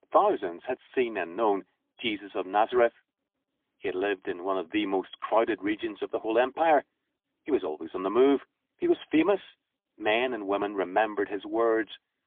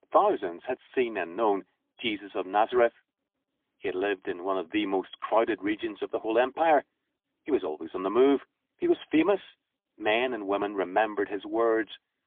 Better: neither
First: phone-call audio; poor line; nothing above 3.5 kHz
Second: phone-call audio; poor line; nothing above 3.5 kHz

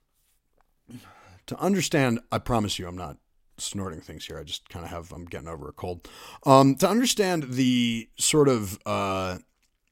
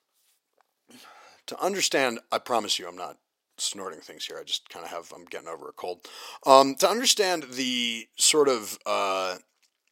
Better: first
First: none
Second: thin; somewhat; fading below 500 Hz

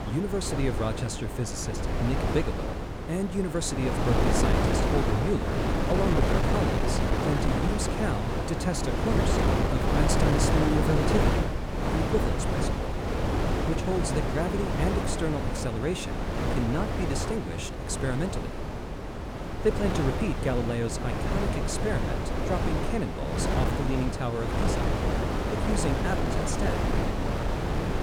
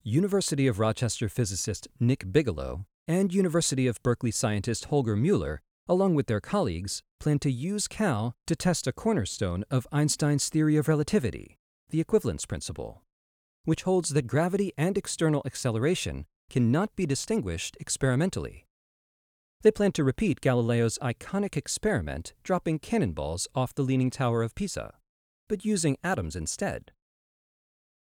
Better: second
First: wind noise on the microphone; heavy; 3 dB above the speech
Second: none

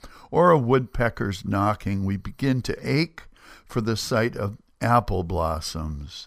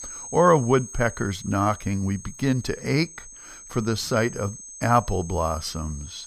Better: first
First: none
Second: high-pitched whine; noticeable; throughout; 6.5 kHz, 15 dB below the speech

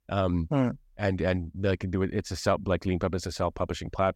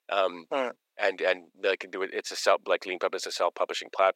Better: first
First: none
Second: thin; very; fading below 400 Hz

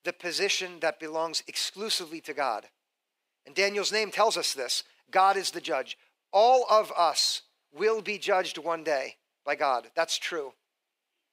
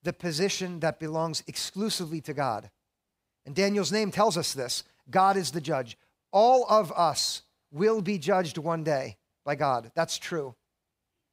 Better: second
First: thin; very; fading below 350 Hz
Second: none

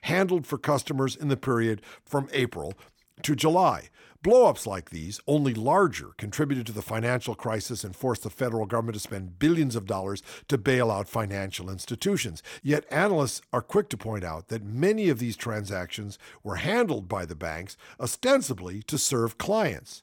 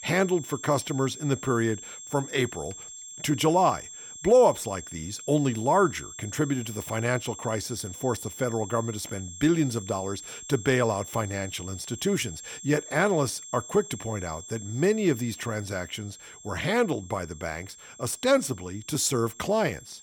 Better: first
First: none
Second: high-pitched whine; noticeable; throughout; 7.5 kHz, 15 dB below the speech

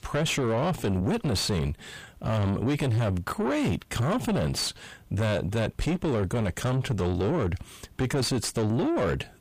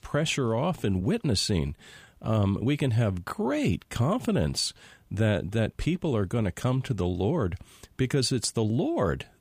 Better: second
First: distortion; heavy; 6 dB below the speech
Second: none

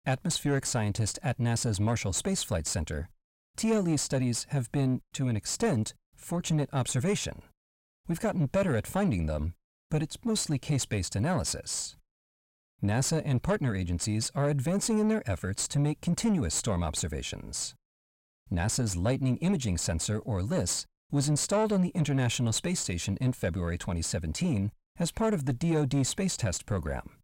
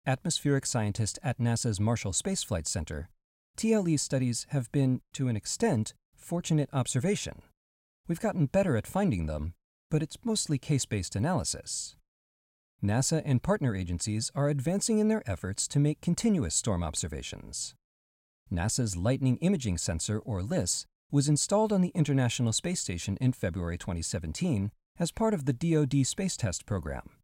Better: second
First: distortion; slight; 10 dB below the speech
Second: none

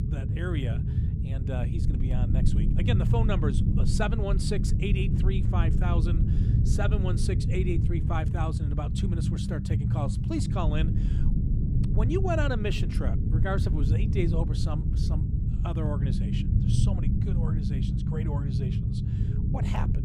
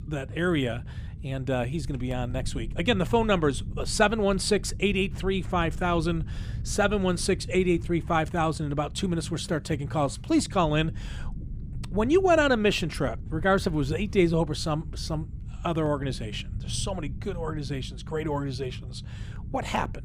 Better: second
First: low rumble; loud; throughout; 3 dB below the speech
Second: low rumble; faint; throughout; 25 dB below the speech

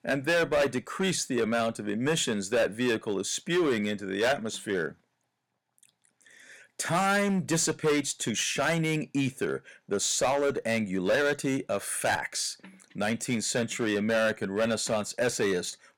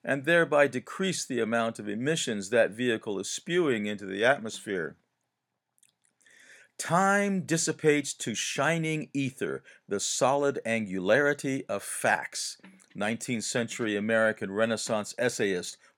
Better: second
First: distortion; heavy; 8% of the sound clipped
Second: none

